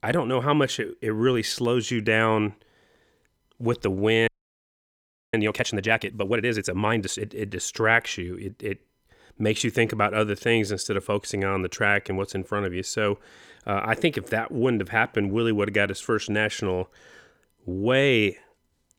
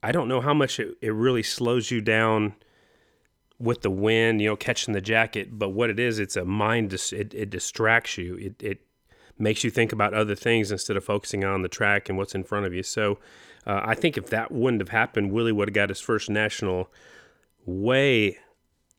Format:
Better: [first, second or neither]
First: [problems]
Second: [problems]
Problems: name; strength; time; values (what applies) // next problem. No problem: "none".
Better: second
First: audio freezing; at 4.5 s for 1 s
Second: none